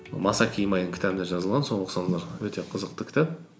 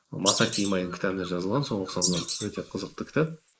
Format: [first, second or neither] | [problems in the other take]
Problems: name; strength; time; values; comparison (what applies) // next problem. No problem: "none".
first | noise reduction (neural mask model Resemble Enhance denoiser)